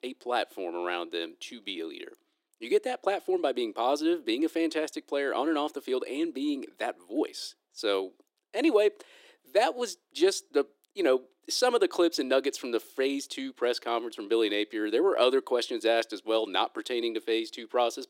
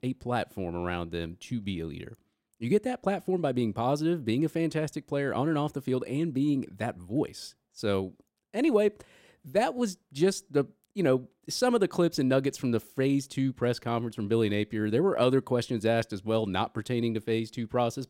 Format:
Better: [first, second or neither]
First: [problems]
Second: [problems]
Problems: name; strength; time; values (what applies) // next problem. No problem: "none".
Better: second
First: thin; somewhat; fading below 300 Hz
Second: none